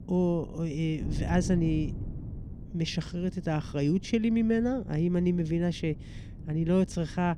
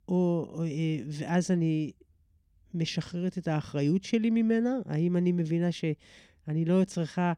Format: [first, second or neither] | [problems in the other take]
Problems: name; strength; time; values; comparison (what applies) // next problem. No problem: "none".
second | wind noise on the microphone; occasional gusts; 15 dB below the speech